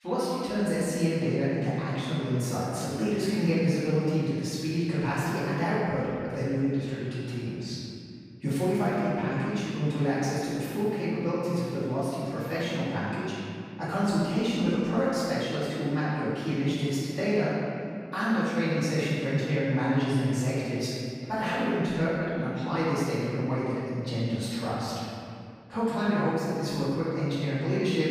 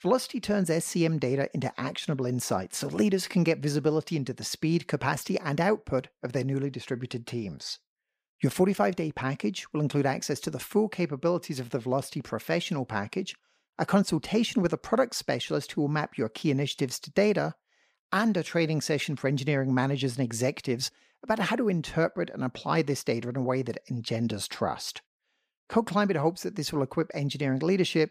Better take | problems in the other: second | off-mic speech; far // room echo; strong; dies away in 2.4 s

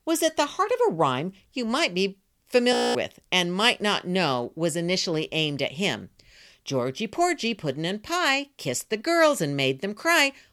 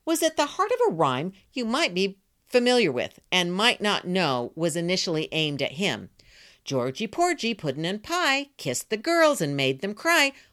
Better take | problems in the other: second | audio freezing; at 2.5 s

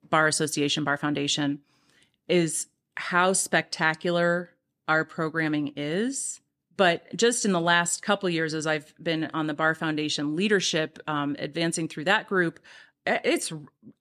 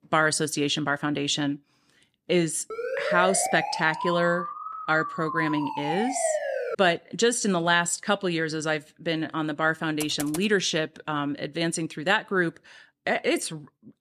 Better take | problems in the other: first | siren; noticeable; from 2.5 to 7 s; peak 2 dB below the speech // keyboard typing; noticeable; at 10 s; peak 9 dB below the speech

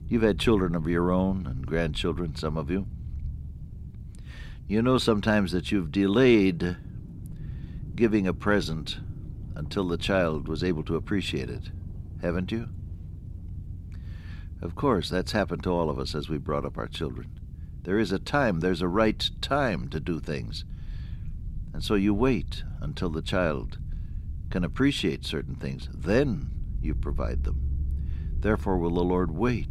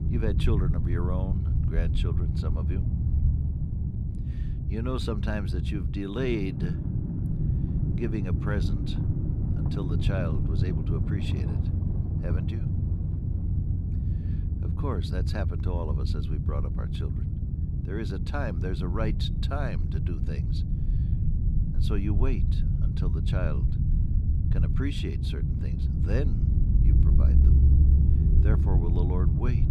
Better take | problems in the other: first | low rumble; loud; throughout; 3 dB below the speech; faint in the first

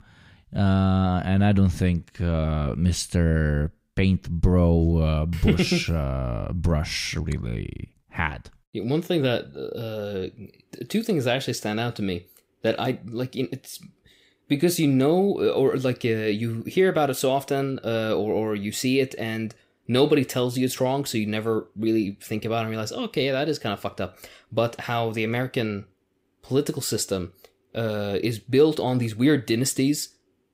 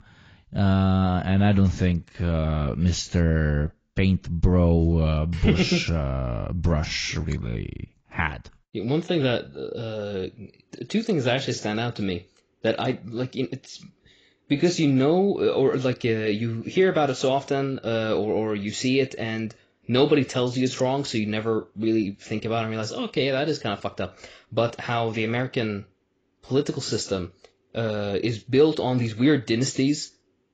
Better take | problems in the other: first | garbled, watery; badly; nothing above 7.5 kHz

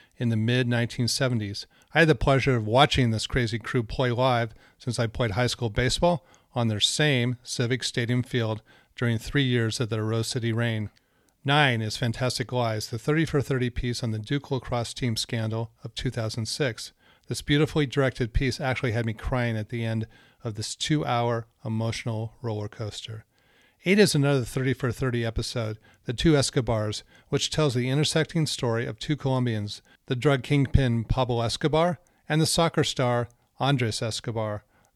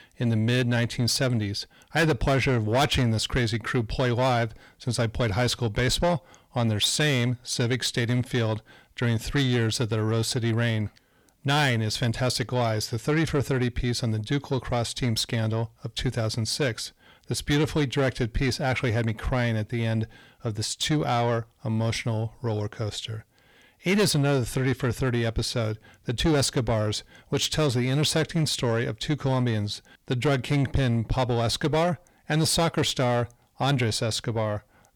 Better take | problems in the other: first | distortion; slight; 10 dB below the speech

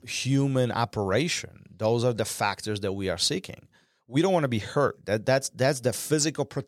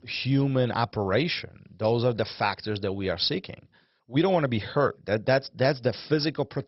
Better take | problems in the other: first | garbled, watery; badly; nothing above 5.5 kHz

